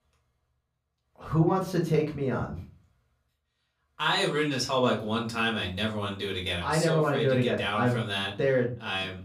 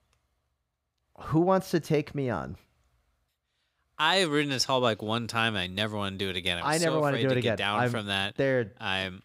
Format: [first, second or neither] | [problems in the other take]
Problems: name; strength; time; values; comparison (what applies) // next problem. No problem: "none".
second | off-mic speech; far // room echo; very slight; dies away in 0.3 s